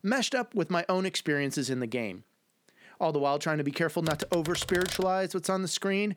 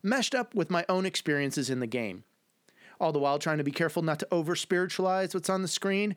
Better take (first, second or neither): second